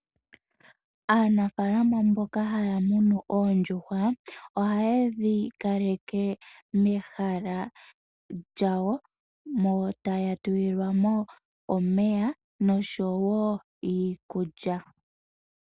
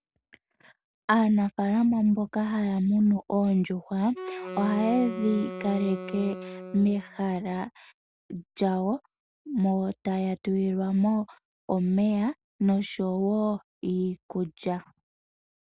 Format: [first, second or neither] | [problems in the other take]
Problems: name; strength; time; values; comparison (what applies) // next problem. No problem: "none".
first | background sound (Wind instrument, woodwind instrument); 11 dB below the speech